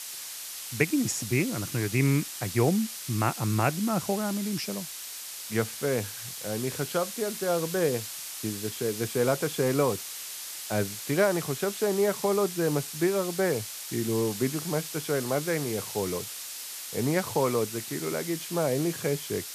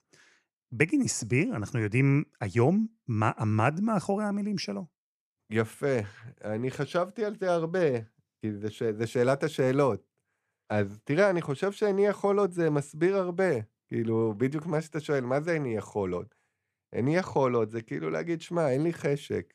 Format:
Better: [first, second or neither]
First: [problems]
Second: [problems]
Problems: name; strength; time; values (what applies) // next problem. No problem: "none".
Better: second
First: hiss; loud; throughout; 7 dB below the speech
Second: none